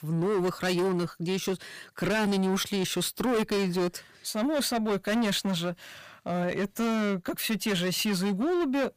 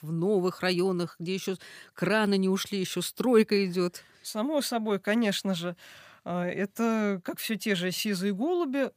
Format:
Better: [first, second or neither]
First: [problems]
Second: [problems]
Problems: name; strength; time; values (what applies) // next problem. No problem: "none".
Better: second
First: distortion; heavy; 20% of the sound clipped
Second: none